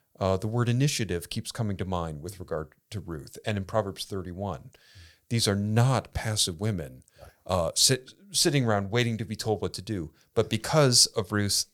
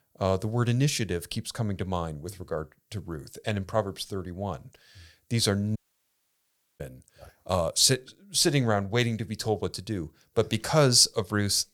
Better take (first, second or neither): first